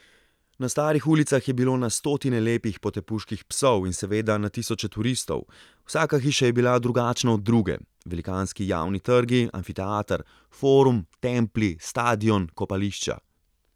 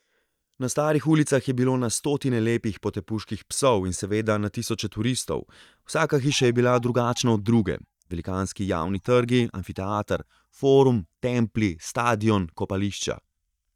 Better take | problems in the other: first | noise reduction (neural mask model DeepFilterNet 3)

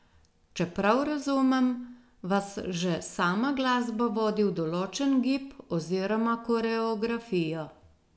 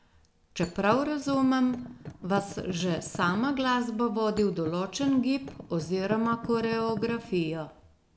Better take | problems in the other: first | background sound (Thump, thud); 13 dB below the speech

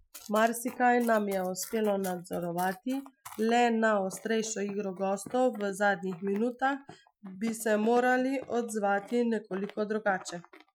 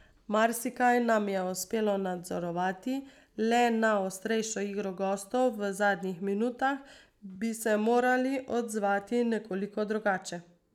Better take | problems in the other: second | noise reduction (classical method Wiener filter)

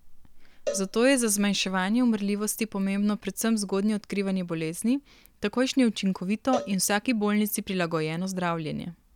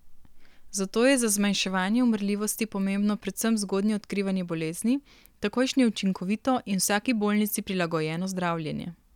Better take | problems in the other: second | background sound (Cowbell); 14 dB below the speech

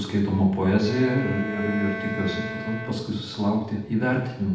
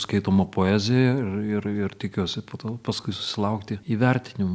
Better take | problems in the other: second | background sound (Bowed string instrument); 11 dB below the speech // room echo; dies away in 0.8 s

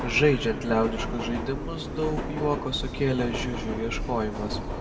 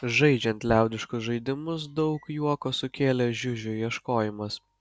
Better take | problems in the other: second | background sound (Subway, metro, underground); 5 dB below the speech // room echo; dies away in 1 s

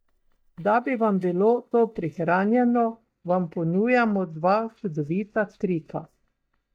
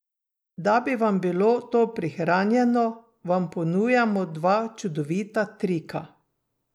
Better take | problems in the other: second | noise reduction (neural mask model DeepFilterNet 3)

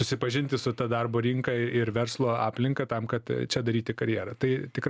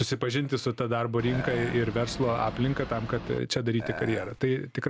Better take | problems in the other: first | background sound (Burping, eructation + Boat, Water vehicle); 9 dB below the speech

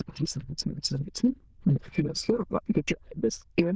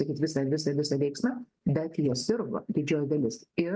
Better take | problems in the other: second | noise reduction (neural diffusion model UNIVERSE++)

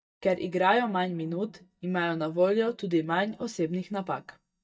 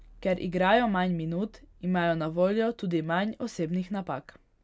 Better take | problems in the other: second | noise reduction (neural mask model DeepFilterNet 3)

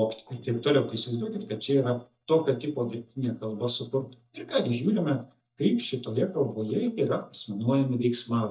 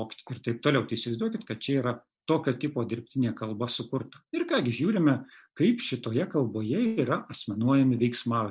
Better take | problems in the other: second | noise reduction (neural mask model DeepFilterNet 3)

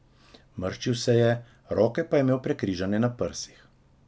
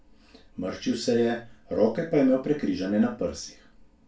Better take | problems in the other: first | room echo; dies away in 0.3 s

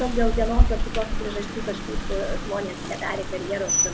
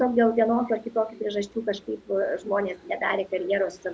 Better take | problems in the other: second | background sound (Rain); 4 dB above the speech

